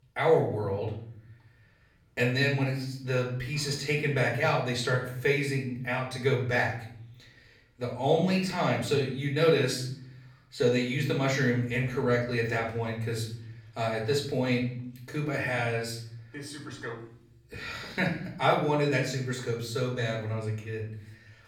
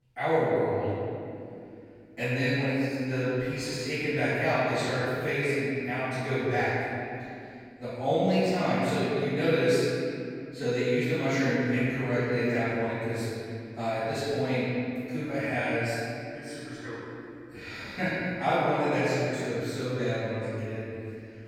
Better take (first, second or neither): first